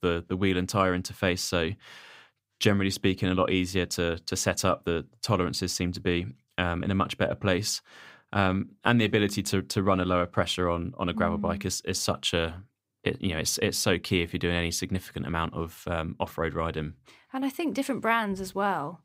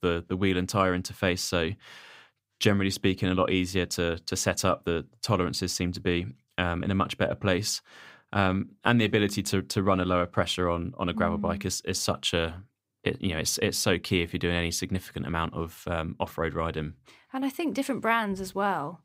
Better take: neither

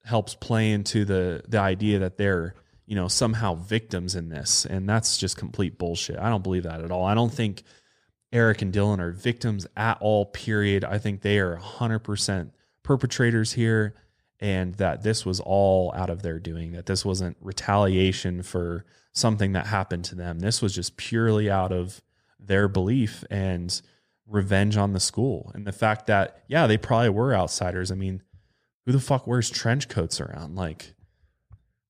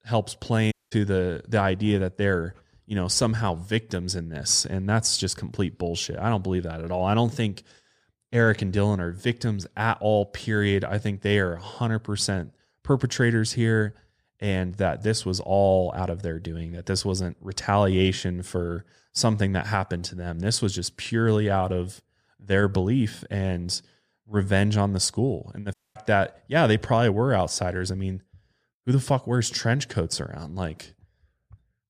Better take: first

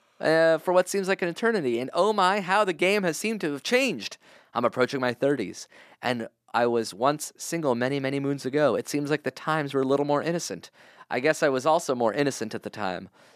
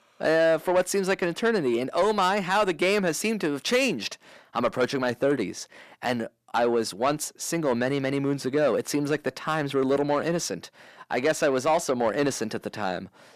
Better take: first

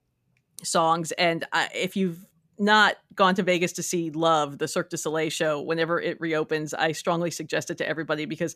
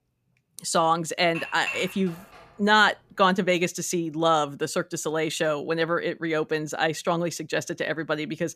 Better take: first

